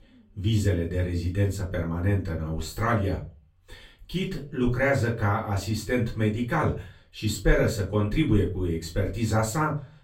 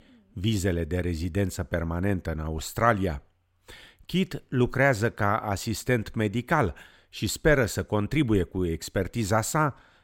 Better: second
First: off-mic speech; far // room echo; very slight; dies away in 0.3 s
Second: none

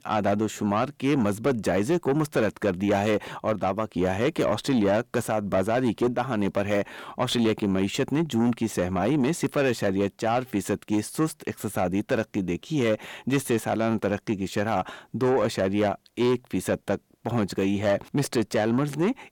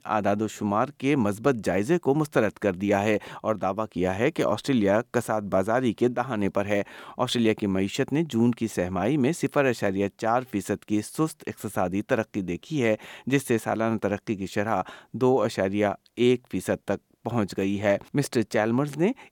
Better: second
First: distortion; slight; 10 dB below the speech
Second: none

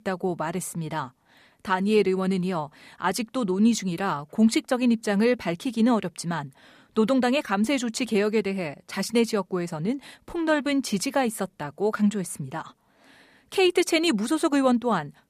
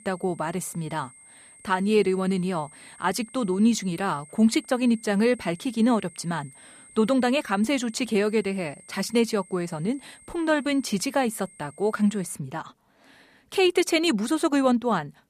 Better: first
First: none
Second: high-pitched whine; faint; until 12 s; 8.5 kHz, 25 dB below the speech

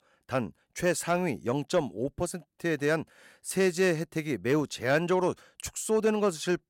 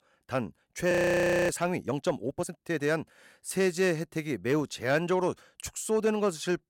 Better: first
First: none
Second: audio freezing; at 1 s for 0.5 s

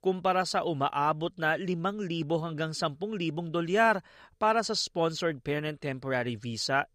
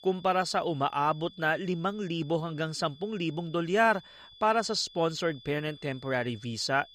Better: first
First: none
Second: high-pitched whine; faint; throughout; 3.5 kHz, 20 dB below the speech

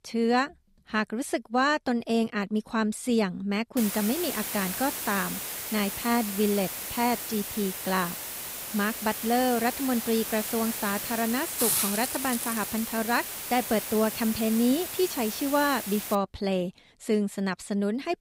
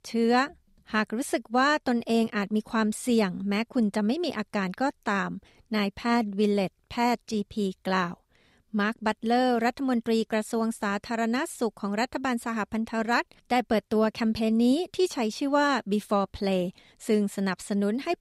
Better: second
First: hiss; loud; from 4 to 16 s; 4 dB below the speech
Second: none

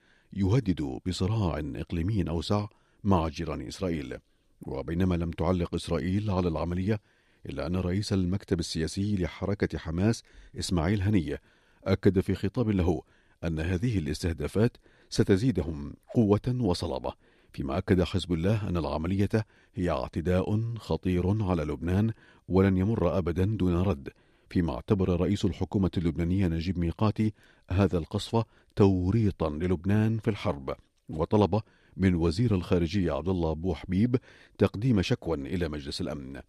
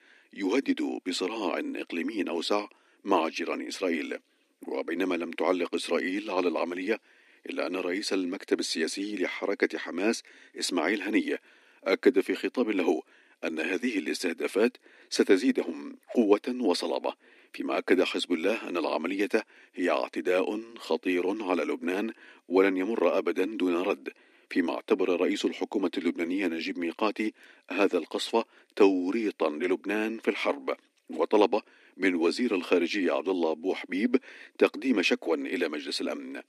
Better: first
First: none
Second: thin; somewhat; fading below 250 Hz

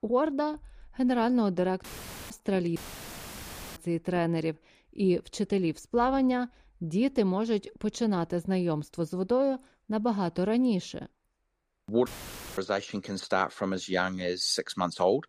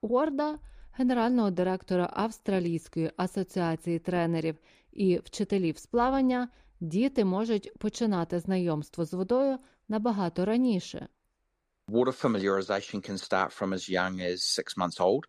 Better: second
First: audio cutting out; filled with static; at 2 s, at 3 s for 1 s and at 12 s for 0.5 s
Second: none

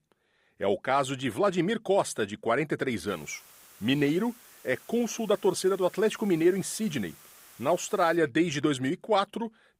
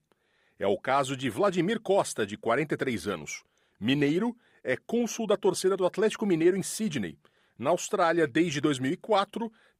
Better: second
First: hiss; faint; from 3 to 8 s; 25 dB below the speech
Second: none

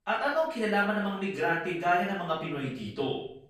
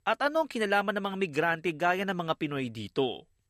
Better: second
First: off-mic speech; far // room echo; noticeable; dies away in 0.6 s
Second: none

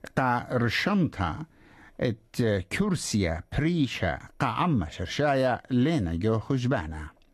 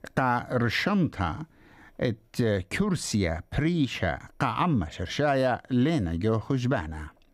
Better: second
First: garbled, watery; slightly; nothing above 12.5 kHz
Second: none

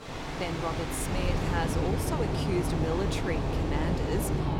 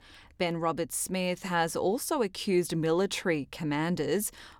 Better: second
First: rain or running water; very loud; throughout; 3 dB above the speech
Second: none

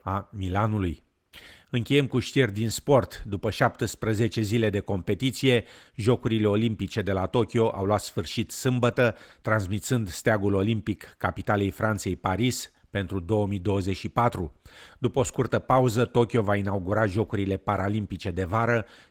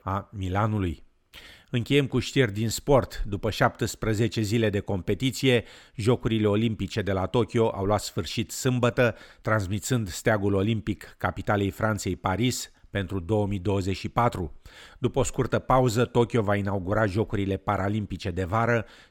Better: second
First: garbled, watery; slightly; nothing above 16 kHz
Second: none

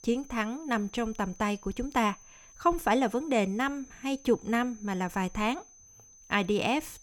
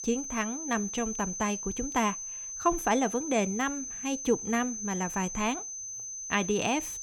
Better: first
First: high-pitched whine; faint; throughout; 6 kHz, 20 dB below the speech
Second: high-pitched whine; loud; throughout; 6 kHz, 5 dB below the speech

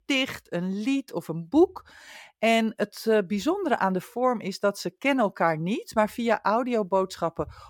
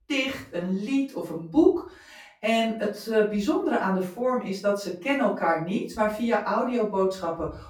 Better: first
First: none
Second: off-mic speech; far // room echo; slight; dies away in 0.3 s

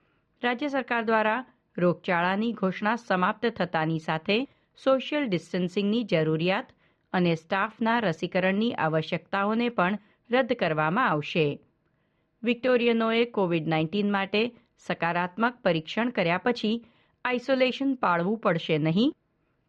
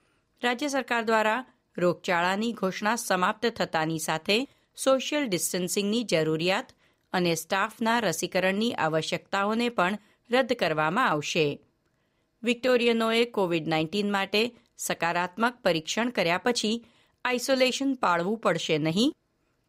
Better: second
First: muffled; slightly; fading above 3 kHz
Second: none

